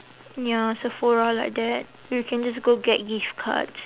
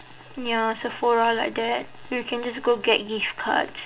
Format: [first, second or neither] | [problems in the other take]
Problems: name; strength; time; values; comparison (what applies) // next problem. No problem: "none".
first | room echo; dies away in 0.2 s